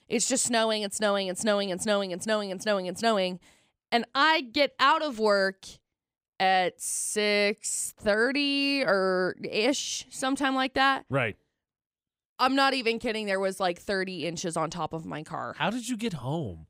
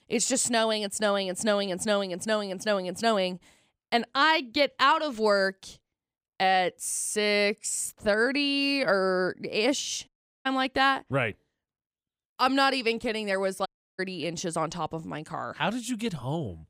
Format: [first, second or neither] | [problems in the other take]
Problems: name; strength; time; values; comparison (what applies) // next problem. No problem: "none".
first | audio cutting out; at 10 s and at 14 s